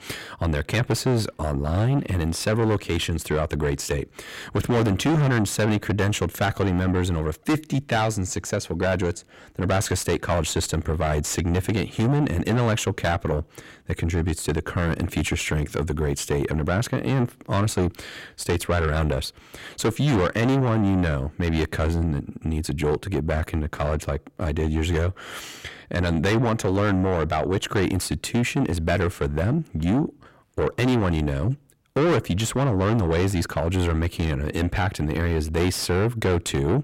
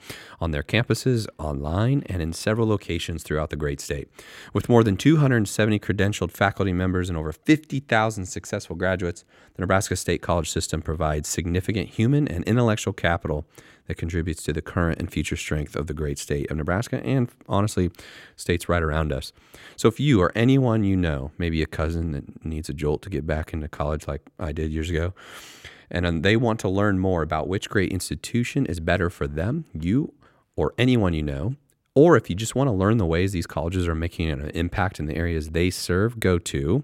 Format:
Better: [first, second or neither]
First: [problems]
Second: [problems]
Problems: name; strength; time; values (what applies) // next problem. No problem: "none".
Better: second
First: distortion; heavy; 6 dB below the speech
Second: none